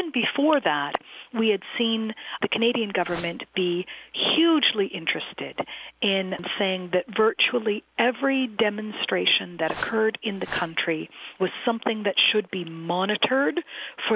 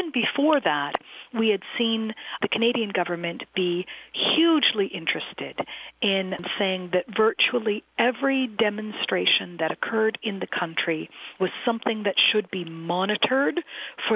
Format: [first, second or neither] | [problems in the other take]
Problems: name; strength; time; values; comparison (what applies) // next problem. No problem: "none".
second | background sound (Whoosh, swoosh, swish); 15 dB below the speech